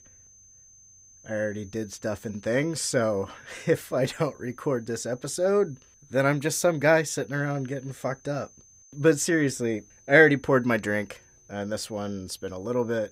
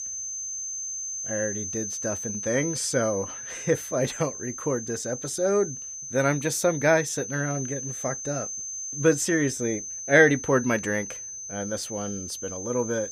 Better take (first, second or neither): first